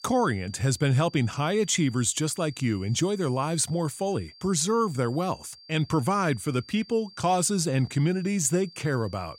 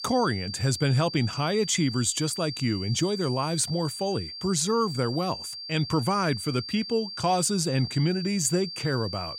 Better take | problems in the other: first | high-pitched whine; loud; throughout; 4.5 kHz, 9 dB below the speech; faint in the first

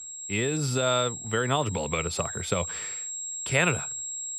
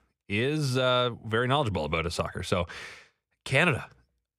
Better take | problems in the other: second | high-pitched whine; loud; throughout; 7.5 kHz, 5 dB below the speech

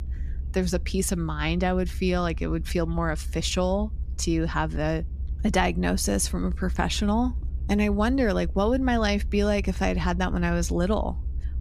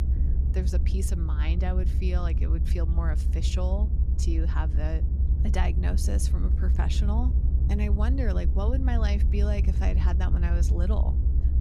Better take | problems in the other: first | low rumble; loud; throughout; 6 dB below the speech; faint in the first

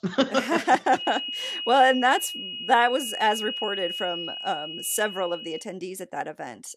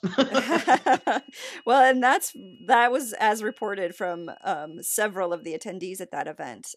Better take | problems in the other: second | high-pitched whine; loud; from 1 to 5.5 s; 3 kHz, 7 dB below the speech; faint in the second

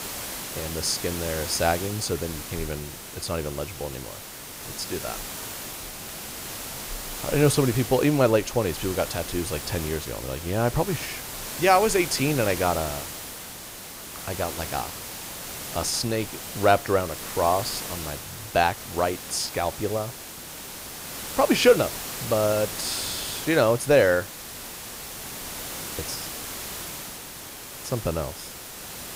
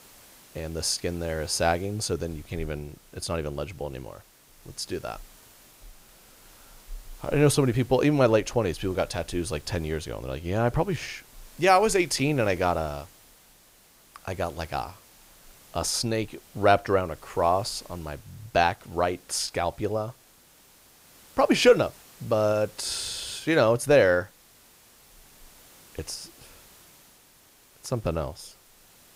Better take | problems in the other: second | hiss; loud; throughout; 8 dB below the speech; faint in the second

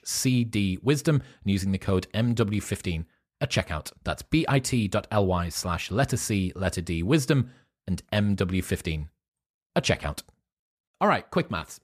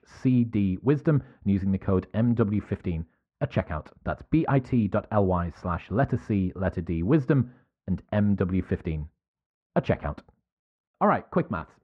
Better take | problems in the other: first | muffled; very; fading above 1 kHz

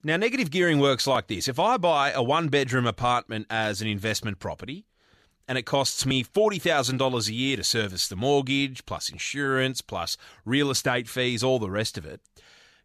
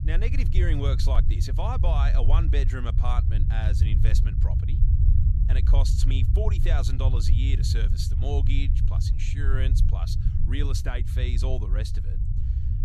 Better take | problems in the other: first | low rumble; loud; throughout; 5 dB below the speech

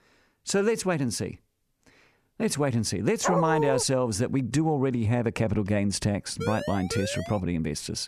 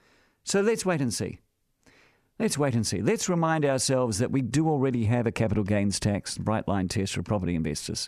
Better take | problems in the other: second | dog barking; loud; at 3 s; peak 1 dB above the speech // siren; noticeable; from 6.5 to 7.5 s; peak 7 dB below the speech

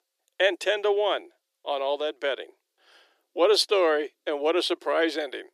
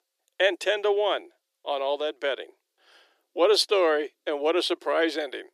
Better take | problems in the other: neither | thin; very; fading below 350 Hz; the same in both

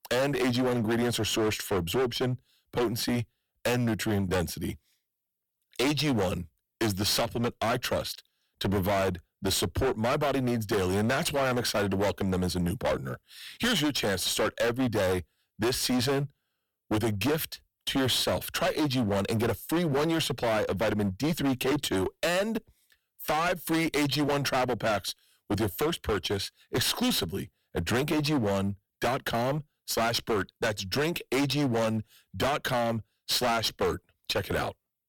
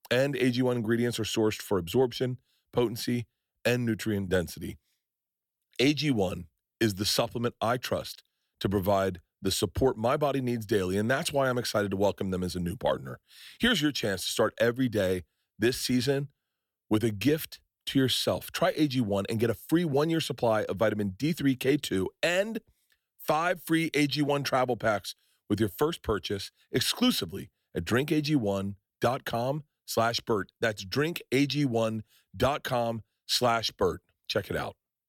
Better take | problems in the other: second | distortion; heavy; 20% of the sound clipped

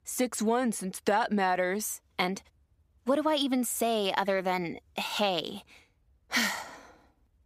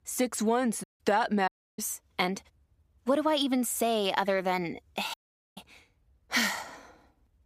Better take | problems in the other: first | audio cutting out; at 1 s, at 1.5 s and at 5 s

